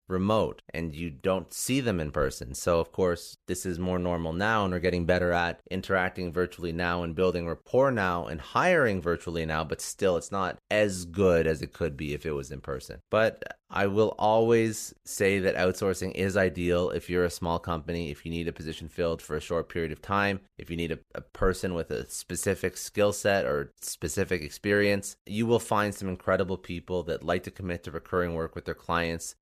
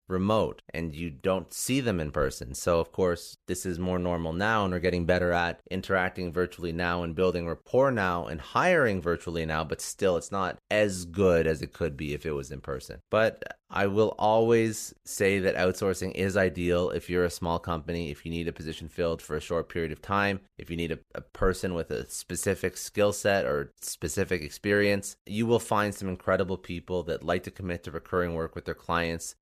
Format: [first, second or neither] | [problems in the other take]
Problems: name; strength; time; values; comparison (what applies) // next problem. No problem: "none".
neither | none